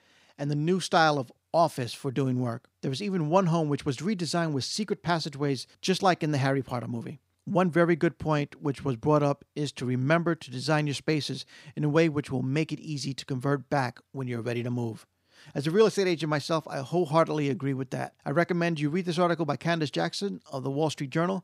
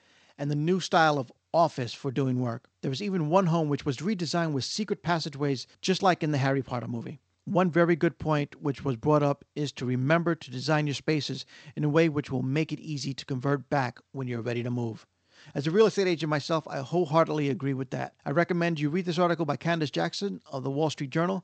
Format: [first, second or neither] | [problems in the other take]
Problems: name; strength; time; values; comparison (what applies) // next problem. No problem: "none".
first | garbled, watery; slightly; nothing above 7.5 kHz